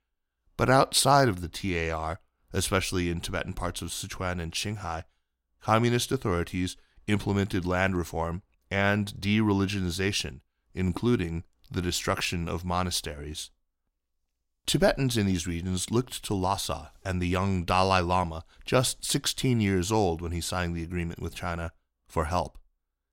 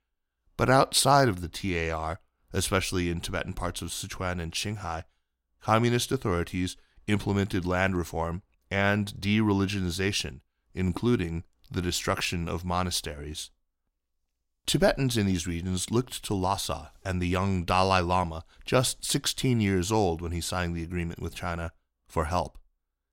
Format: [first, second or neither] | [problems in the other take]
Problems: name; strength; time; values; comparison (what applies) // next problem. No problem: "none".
neither | none